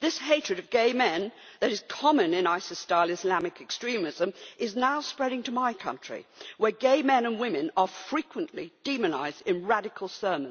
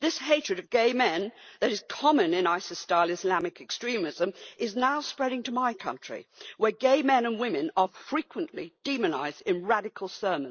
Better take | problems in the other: first | noise reduction (neural mask model Resemble Enhance denoiser)

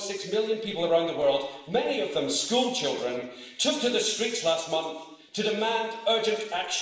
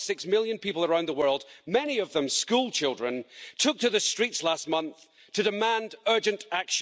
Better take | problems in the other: second | room echo; dies away in 1 s

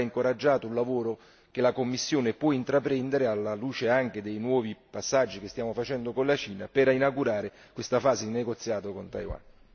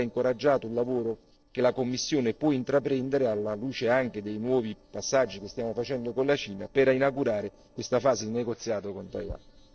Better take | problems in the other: first | noise reduction (neural separator model SepFormer DNS4)

